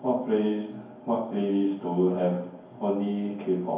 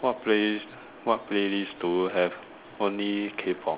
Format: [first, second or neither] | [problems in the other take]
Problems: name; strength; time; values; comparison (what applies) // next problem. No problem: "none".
second | room echo; dies away in 0.9 s